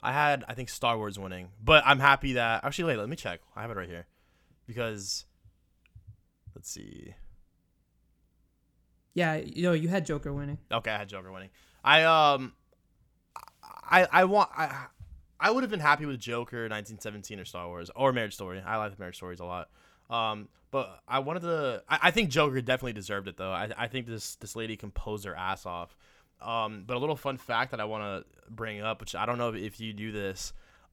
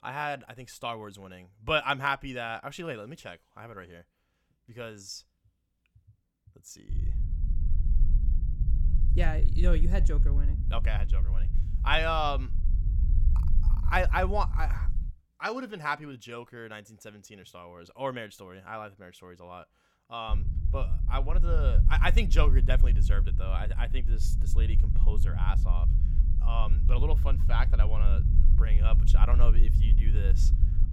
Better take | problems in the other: first | low rumble; noticeable; from 7 to 15 s and from 20 s on; 15 dB below the speech

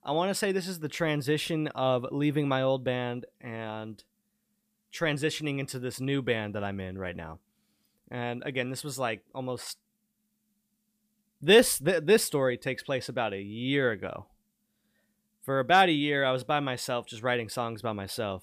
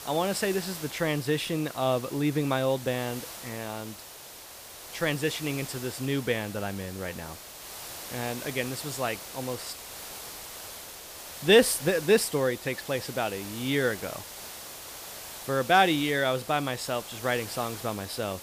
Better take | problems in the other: first | hiss; noticeable; throughout; 10 dB below the speech

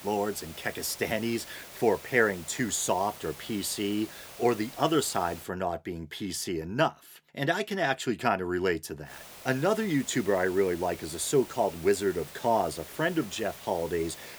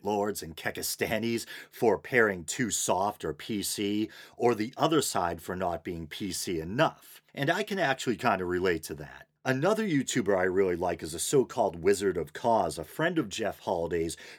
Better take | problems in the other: second | hiss; noticeable; until 5.5 s and from 9 s on; 15 dB below the speech

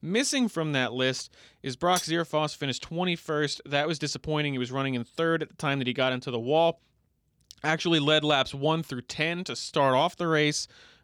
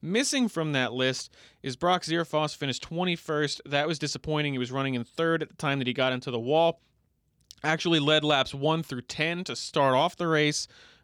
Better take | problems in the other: second | clattering dishes; noticeable; at 2 s; peak 7 dB below the speech

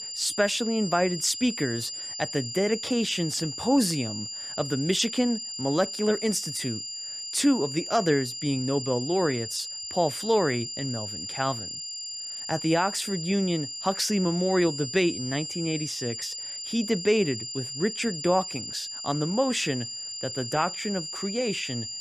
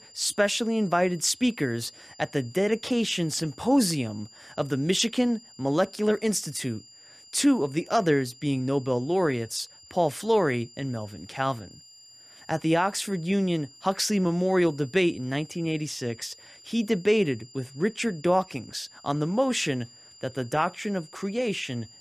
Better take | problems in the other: second | high-pitched whine; loud; throughout; 5 kHz, 6 dB below the speech; faint in the second

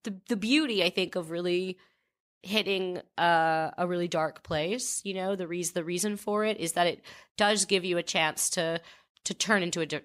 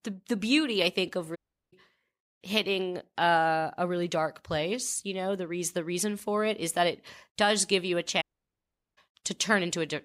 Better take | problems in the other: first | audio cutting out; at 1.5 s and at 8 s for 1 s

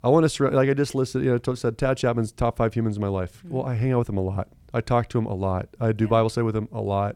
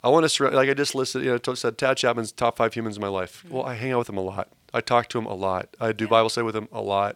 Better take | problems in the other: first | thin; somewhat; fading below 750 Hz

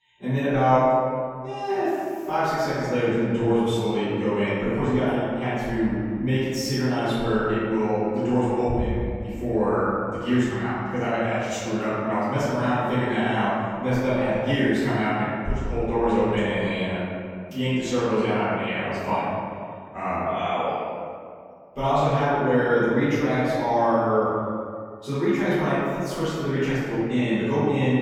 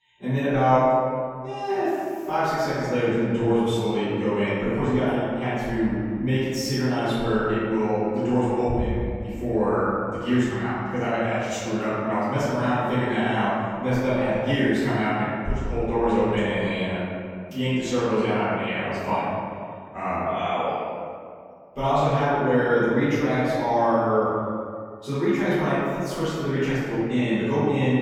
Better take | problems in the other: neither | off-mic speech; far; the same in both // room echo; strong; dies away in 2.1 s; the same in both

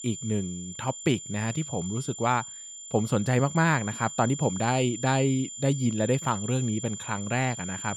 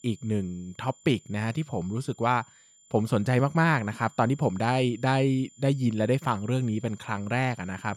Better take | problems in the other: second | high-pitched whine; loud; throughout; 7 kHz, 9 dB below the speech; faint in the second

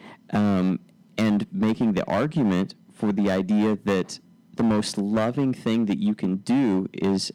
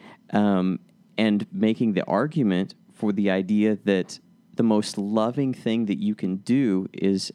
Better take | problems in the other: second | distortion; slight; 10% of the sound clipped

